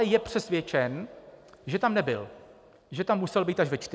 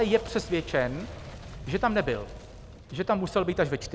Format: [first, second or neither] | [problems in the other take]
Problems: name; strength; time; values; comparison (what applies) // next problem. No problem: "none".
first | background sound (Boom); 14 dB below the speech